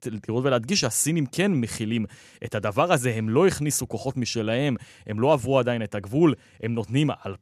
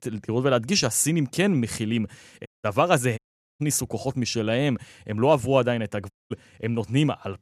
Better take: first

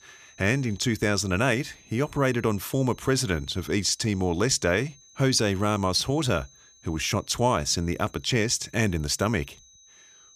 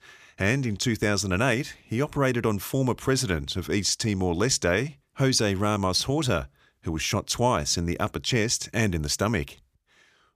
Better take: second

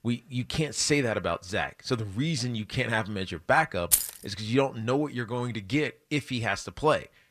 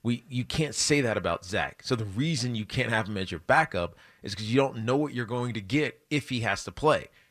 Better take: second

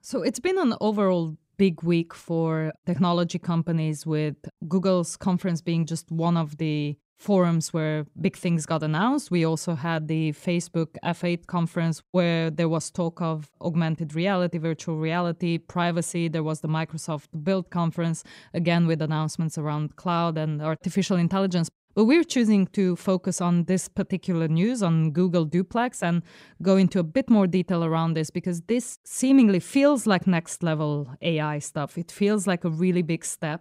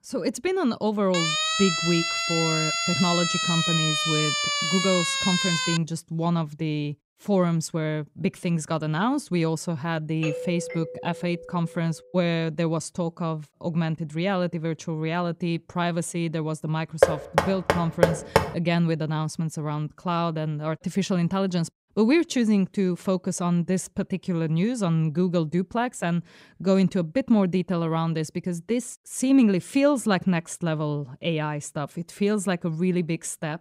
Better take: first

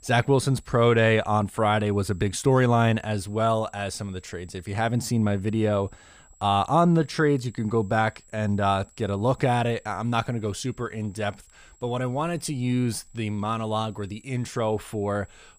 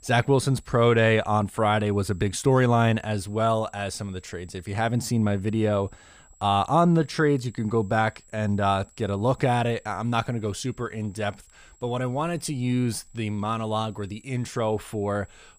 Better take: neither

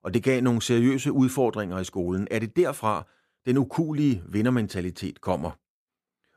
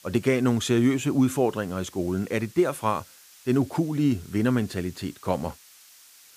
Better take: first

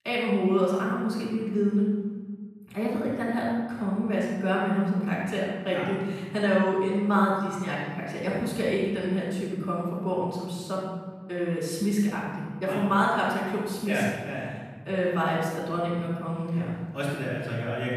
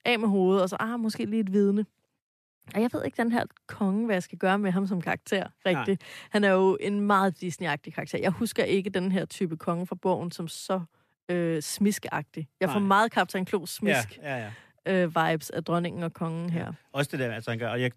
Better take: second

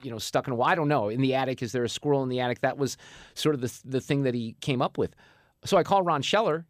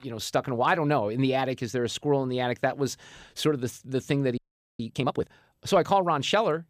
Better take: first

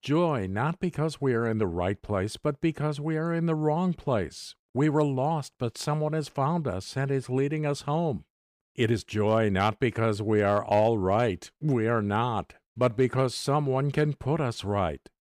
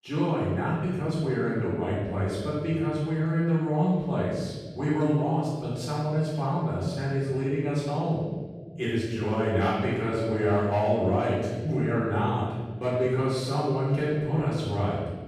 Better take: first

